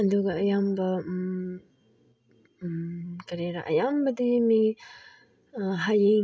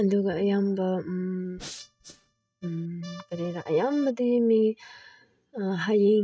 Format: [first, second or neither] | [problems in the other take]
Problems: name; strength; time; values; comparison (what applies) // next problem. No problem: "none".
first | noise reduction (neural mask model RNNoise)